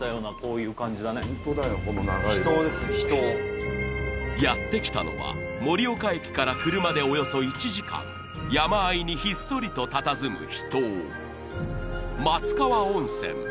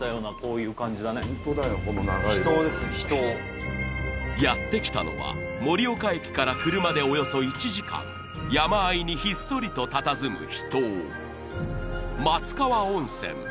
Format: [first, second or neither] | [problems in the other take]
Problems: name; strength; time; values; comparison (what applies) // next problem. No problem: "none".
second | background sound (Keyboard (musical)); 11 dB below the speech